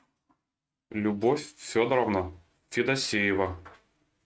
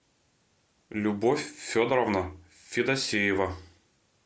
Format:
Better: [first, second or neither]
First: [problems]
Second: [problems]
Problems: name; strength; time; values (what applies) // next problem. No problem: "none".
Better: second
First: noise reduction (neural mask model RNNoise)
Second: none